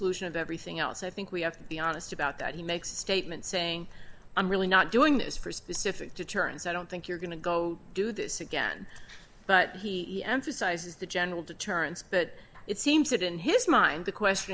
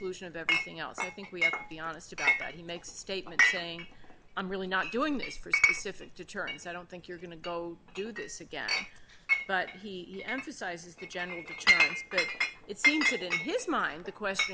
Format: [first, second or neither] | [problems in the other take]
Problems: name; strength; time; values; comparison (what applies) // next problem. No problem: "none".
first | background sound (Chink, clink); 4 dB above the speech